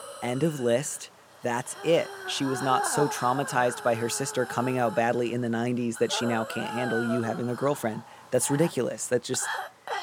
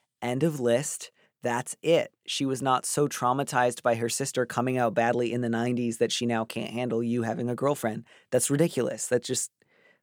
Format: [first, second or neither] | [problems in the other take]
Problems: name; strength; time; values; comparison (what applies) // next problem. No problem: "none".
second | hiss; loud; throughout; 9 dB below the speech